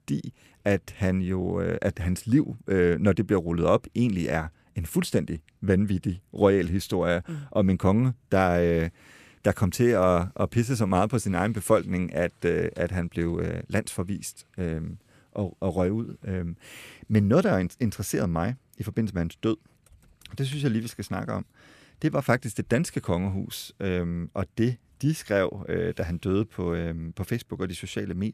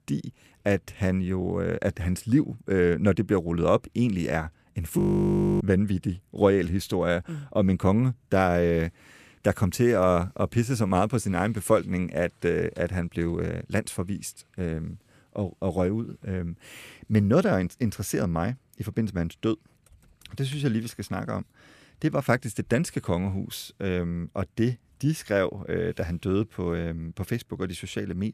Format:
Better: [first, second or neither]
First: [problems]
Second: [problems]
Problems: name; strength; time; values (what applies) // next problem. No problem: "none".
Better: first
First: none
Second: audio freezing; at 5 s for 0.5 s